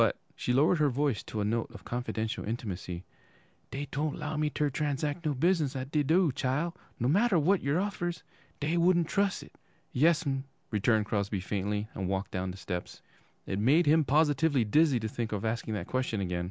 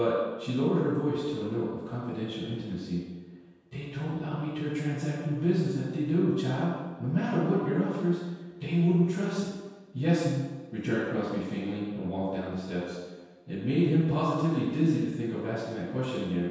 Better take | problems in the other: first | room echo; dies away in 1.2 s

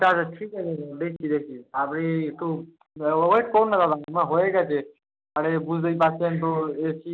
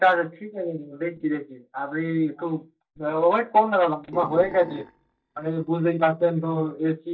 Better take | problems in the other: first | noise reduction (neural mask model DeepFilterNet 3)

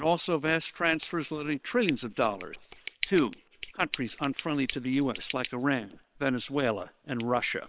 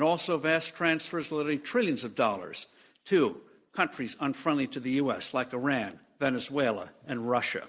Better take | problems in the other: second | noise reduction (neural separator model SepFormer WHAM!)

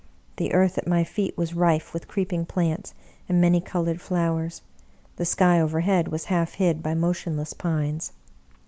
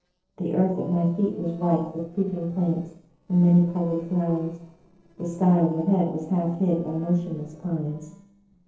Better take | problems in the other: first | noise reduction (neural separator model SepFormer DNS4)

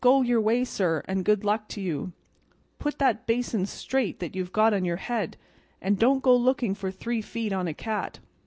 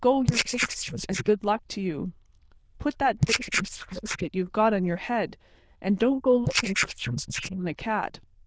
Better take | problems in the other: first | noise reduction (neural diffusion model UNIVERSE++)

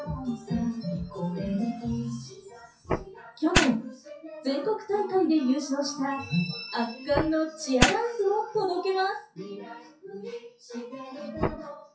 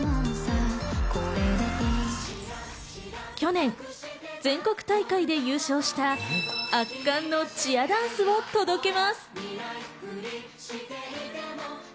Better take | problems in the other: second | noise reduction (classical method WPE with log-MMSE)

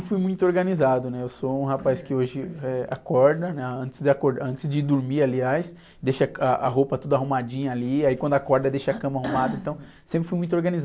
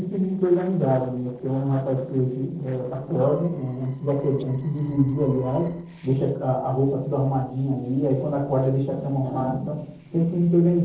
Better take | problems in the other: first | noise reduction (neural separator model SepFormer DNS4)

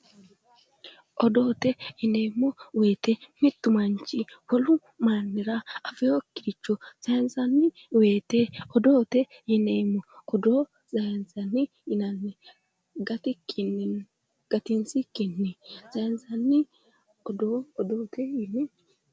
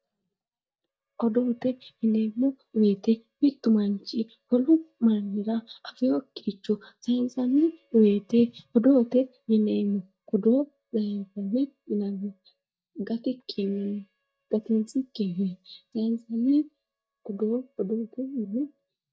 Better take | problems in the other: first | noise reduction (neural mask model DeepFilterNet 3)

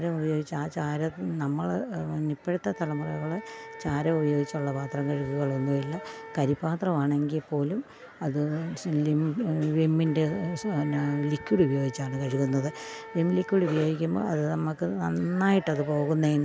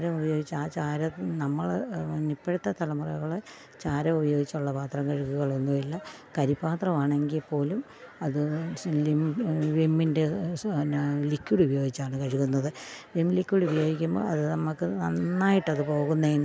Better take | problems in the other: second | background sound (Wind instrument, woodwind instrument); 19 dB below the speech

